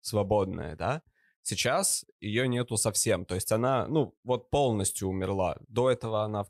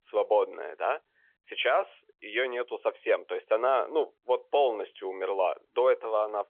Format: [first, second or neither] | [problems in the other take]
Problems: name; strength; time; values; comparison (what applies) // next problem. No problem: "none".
first | phone-call audio; nothing above 3.5 kHz